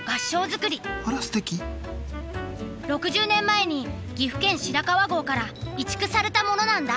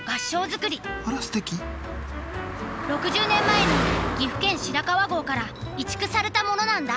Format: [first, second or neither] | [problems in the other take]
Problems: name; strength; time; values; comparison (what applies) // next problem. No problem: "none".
first | background sound (Car passing by); 5 dB below the speech